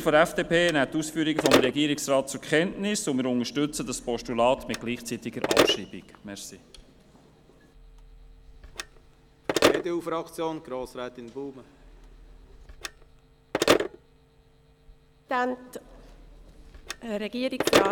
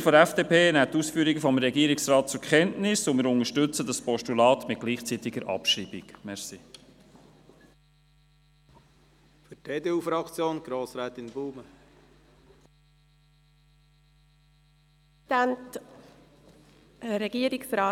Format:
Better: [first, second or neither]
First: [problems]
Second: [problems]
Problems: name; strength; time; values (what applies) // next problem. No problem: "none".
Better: second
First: background sound (Telephone); 2 dB below the speech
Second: none